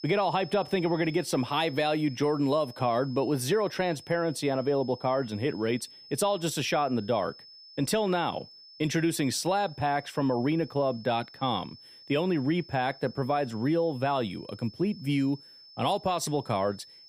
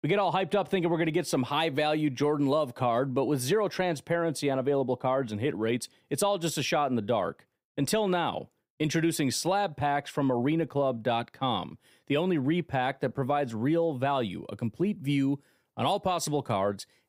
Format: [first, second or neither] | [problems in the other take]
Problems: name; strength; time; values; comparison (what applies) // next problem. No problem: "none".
second | high-pitched whine; noticeable; throughout; 5.5 kHz, 20 dB below the speech